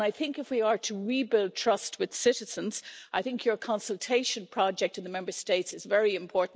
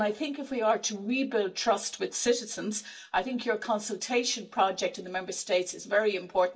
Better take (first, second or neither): first